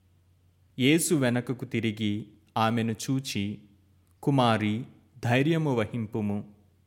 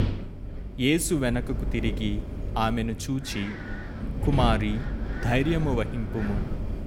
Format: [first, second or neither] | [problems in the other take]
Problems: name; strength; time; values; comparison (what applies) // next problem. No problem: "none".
first | wind noise on the microphone; occasional gusts; 10 dB below the speech